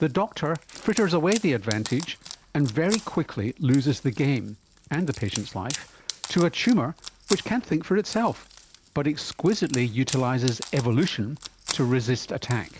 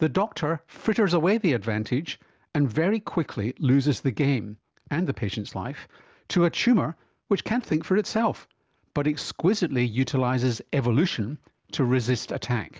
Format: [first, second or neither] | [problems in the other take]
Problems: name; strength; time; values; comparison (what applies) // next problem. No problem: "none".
second | background sound (Wood); 14 dB below the speech